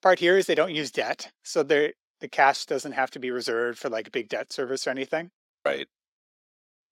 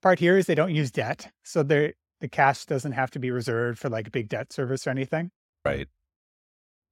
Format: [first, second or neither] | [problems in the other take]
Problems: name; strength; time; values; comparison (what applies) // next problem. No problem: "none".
second | thin; somewhat; fading below 300 Hz